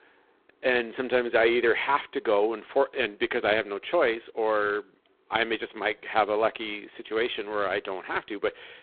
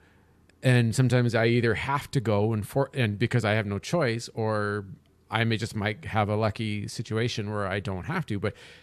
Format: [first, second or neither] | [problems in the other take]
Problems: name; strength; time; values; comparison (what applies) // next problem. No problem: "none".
second | phone-call audio; poor line